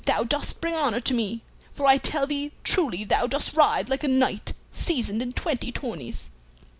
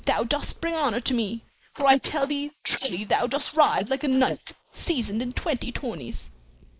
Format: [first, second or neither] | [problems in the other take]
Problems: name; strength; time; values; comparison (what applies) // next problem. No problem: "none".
first | noise reduction (neural mask model Resemble Enhance denoiser)